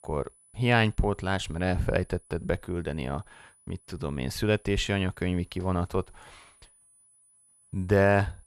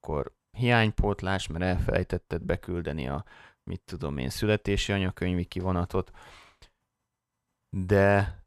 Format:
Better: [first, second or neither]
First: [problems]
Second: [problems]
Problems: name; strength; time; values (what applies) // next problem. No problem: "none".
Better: second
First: high-pitched whine; faint; throughout; 10 kHz, 30 dB below the speech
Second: none